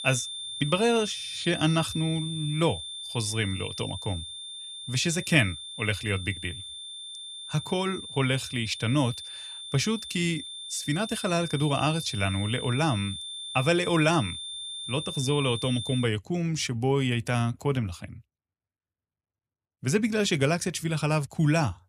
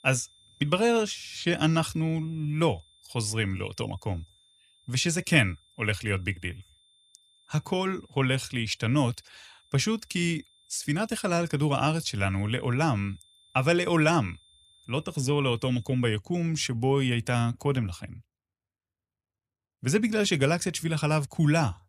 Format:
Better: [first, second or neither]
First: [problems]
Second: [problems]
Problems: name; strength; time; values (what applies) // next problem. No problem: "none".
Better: second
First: high-pitched whine; loud; until 16 s; 3.5 kHz, 8 dB below the speech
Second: high-pitched whine; faint; until 16 s; 3.5 kHz, 30 dB below the speech